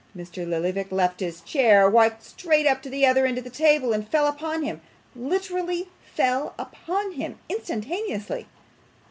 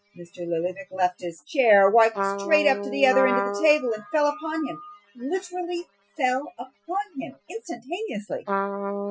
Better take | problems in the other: first | noise reduction (classical method Wiener filter)

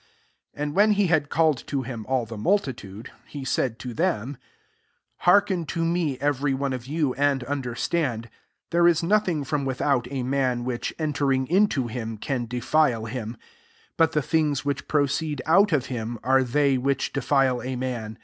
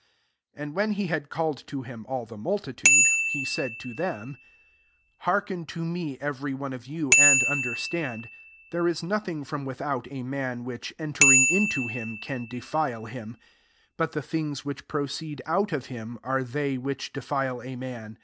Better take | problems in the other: first | background sound (Bicycle bell); 2 dB above the speech

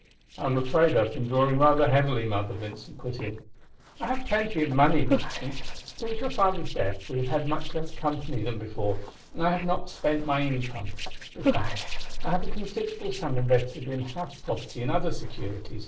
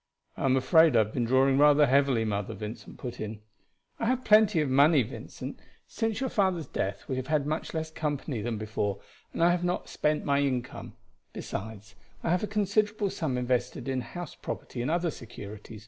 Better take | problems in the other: second | noise reduction (neural separator model SepFormer DNS4)

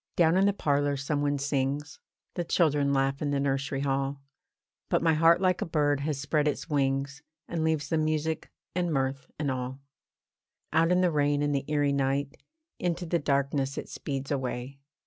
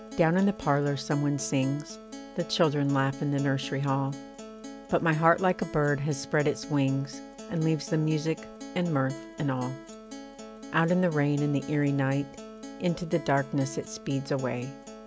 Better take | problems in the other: first | background sound (Acoustic guitar); 15 dB below the speech

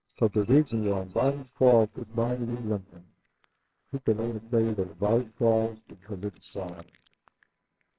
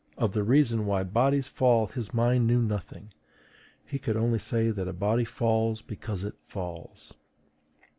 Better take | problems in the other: second | noise reduction (neural separator model SepFormer WHAMR!)

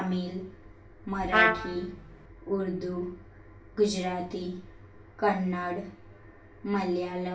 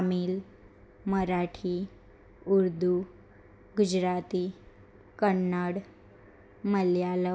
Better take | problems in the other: second | background sound (Trumpet); 5 dB above the speech // room echo; dies away in 0.3 s

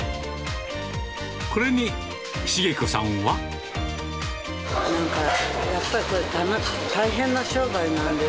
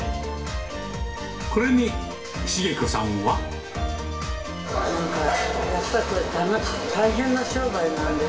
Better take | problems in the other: first | room echo; dies away in 0.7 s

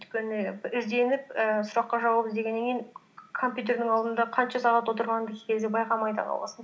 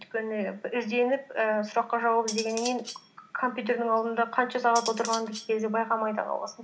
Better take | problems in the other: first | background sound (Cutlery, silverware); 11 dB below the speech

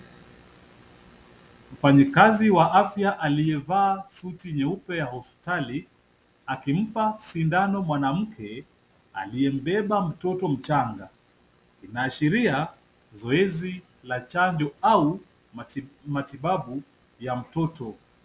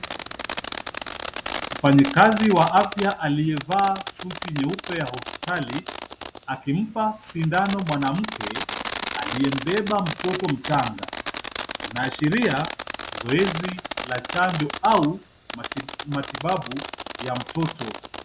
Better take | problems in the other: first | background sound (Fireworks); 9 dB below the speech

